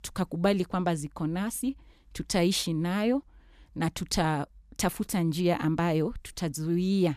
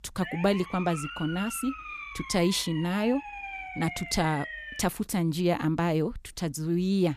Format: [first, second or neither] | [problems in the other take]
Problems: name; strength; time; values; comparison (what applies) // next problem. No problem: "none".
first | siren; noticeable; until 5 s; peak 8 dB below the speech